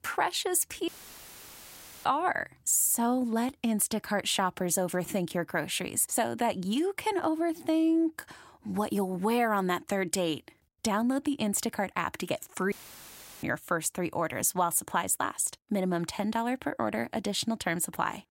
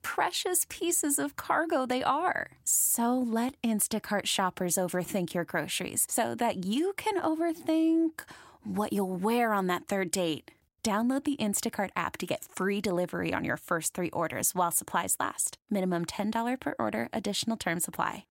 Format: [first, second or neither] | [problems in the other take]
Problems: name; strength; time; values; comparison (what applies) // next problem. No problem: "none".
second | audio cutting out; filled with static; at 1 s for 1 s and at 13 s for 0.5 s